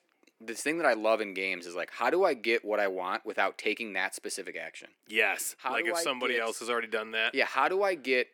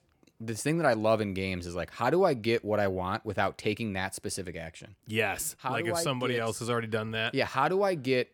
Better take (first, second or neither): second